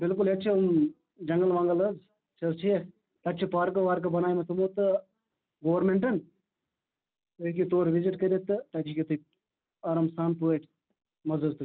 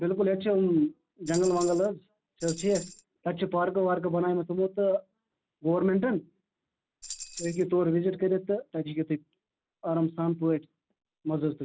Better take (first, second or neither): first